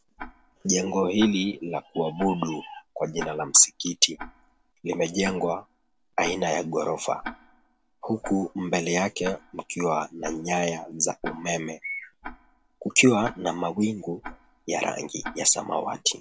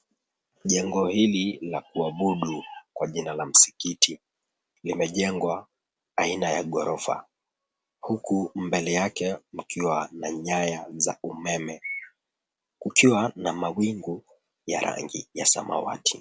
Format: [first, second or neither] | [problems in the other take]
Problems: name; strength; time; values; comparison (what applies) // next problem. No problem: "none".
second | background sound (Tick-tock); 17 dB below the speech